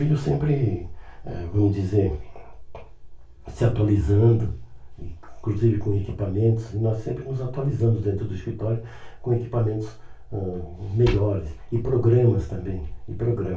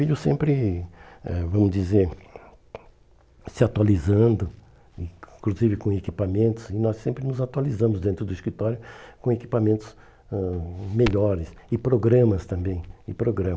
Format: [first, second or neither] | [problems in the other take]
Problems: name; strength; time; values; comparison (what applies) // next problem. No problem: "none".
second | room echo; dies away in 0.2 s